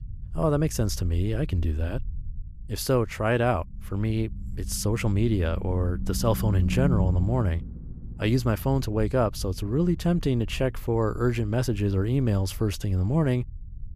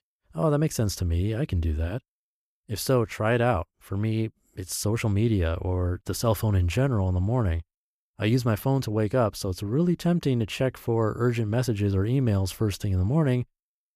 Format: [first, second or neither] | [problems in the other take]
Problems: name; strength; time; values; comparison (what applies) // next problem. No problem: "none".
second | low rumble; noticeable; throughout; 15 dB below the speech